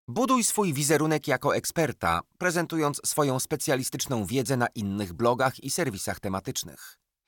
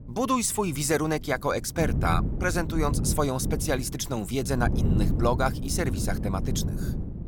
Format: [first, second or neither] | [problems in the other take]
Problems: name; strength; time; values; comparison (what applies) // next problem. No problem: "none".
first | wind noise on the microphone; occasional gusts; 10 dB below the speech